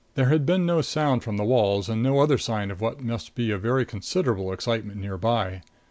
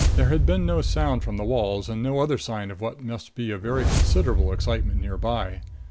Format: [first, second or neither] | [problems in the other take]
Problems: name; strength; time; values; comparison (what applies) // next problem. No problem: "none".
first | background sound (Whoosh, swoosh, swish); 2 dB above the speech